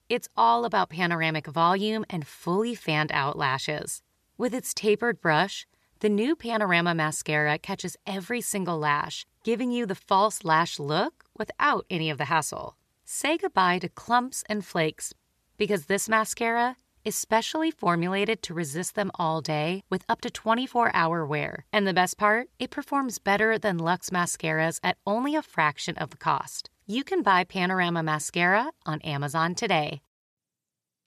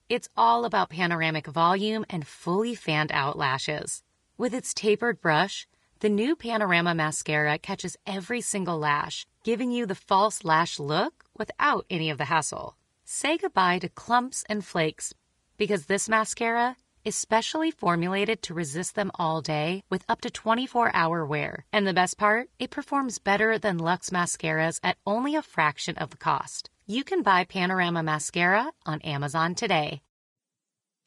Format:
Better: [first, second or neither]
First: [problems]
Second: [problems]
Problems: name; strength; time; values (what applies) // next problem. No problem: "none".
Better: first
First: none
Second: garbled, watery; slightly; nothing above 10 kHz